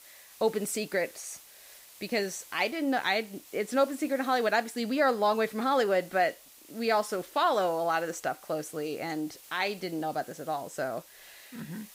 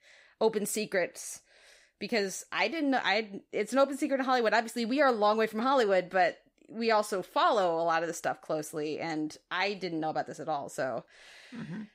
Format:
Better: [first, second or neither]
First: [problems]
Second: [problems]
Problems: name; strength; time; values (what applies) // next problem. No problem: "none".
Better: second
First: hiss; faint; throughout; 20 dB below the speech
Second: none